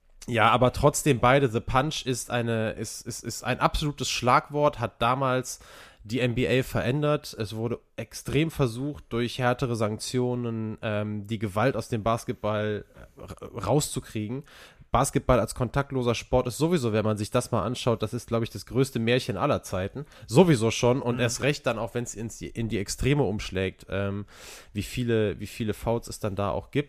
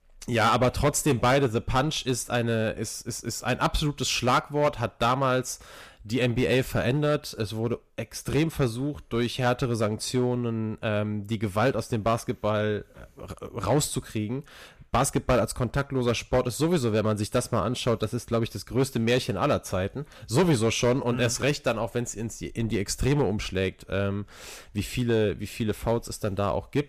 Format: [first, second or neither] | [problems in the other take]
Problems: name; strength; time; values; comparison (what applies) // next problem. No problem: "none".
first | distortion; slight; 4% of the sound clipped